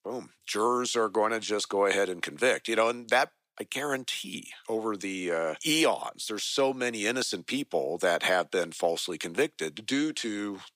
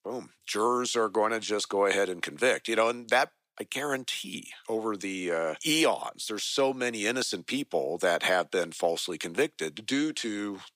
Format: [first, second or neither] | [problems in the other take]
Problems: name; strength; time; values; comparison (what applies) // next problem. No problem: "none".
neither | thin; somewhat; fading below 300 Hz; the same in both